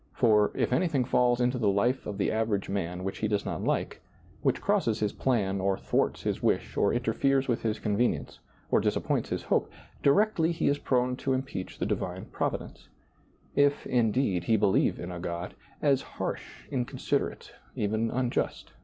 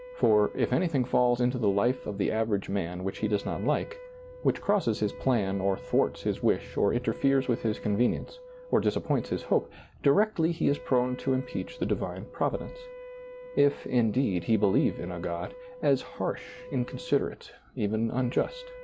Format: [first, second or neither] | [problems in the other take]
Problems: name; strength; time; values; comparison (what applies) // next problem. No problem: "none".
first | background sound (Wind instrument, woodwind instrument); 17 dB below the speech